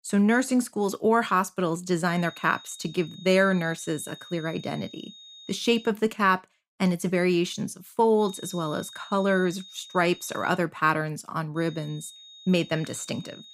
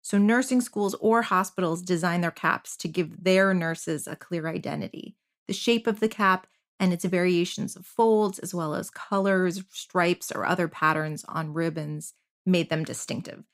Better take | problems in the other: second | high-pitched whine; noticeable; from 2 to 6 s, from 8 to 11 s and from 12 s on; 3.5 kHz, 20 dB below the speech

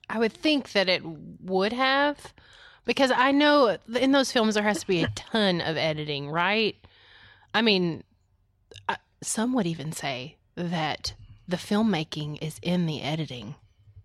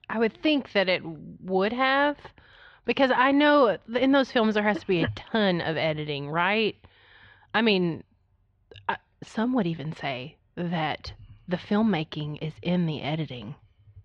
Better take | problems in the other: first | muffled; slightly; fading above 3 kHz

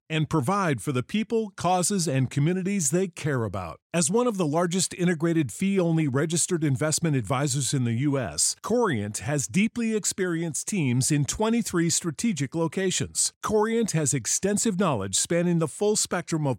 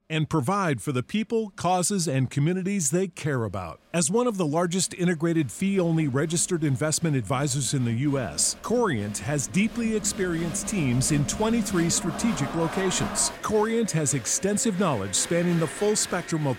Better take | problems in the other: first | crowd noise; noticeable; throughout; 10 dB below the speech

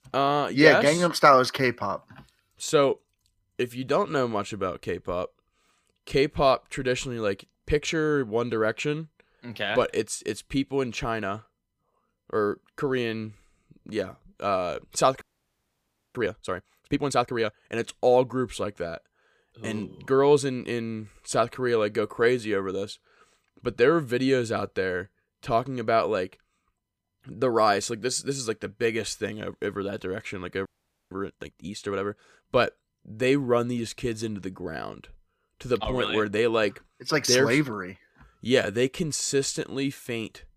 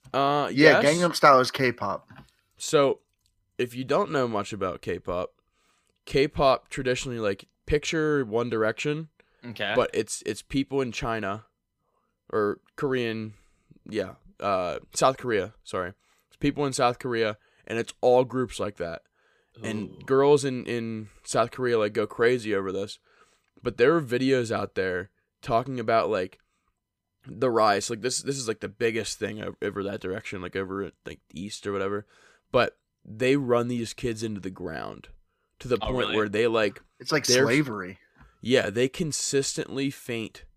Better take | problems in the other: second | audio freezing; at 15 s for 1 s and at 31 s

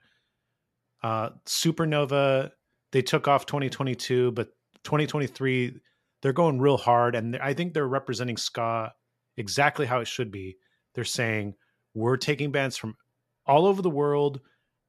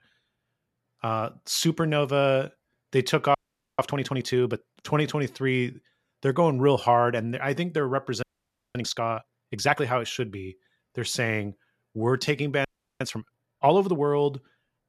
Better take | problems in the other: first | audio freezing; at 3.5 s, at 8 s for 0.5 s and at 13 s

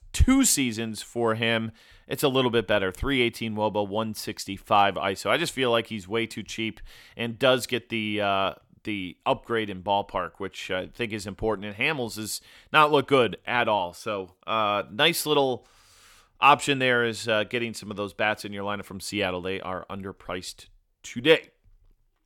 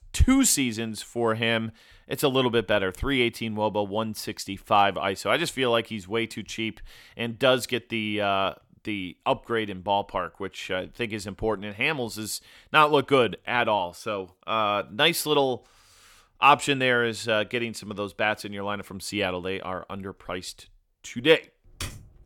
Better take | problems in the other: first | keyboard typing; faint; at 22 s; peak 10 dB below the speech

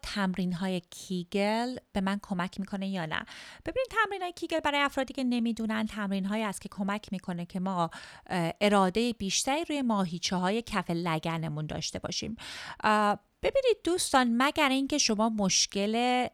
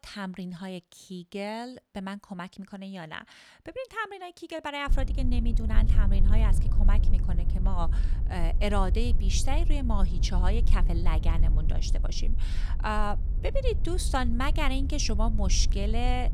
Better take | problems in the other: first | low rumble; noticeable; from 5 s on; 15 dB below the speech

